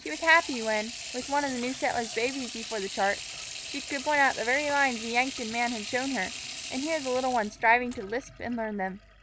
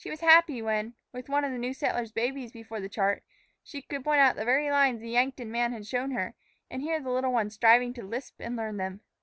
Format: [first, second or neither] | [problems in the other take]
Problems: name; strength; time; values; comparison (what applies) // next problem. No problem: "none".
second | background sound (Sink (filling or washing) / Water tap, faucet); 10 dB below the speech